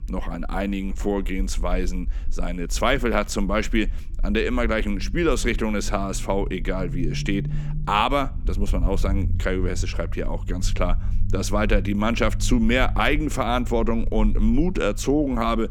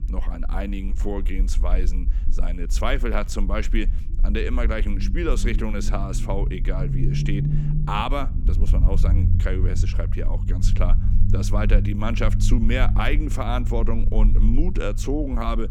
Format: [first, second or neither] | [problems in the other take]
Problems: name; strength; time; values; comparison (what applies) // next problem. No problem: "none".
first | low rumble; loud; throughout; 10 dB below the speech; faint in the first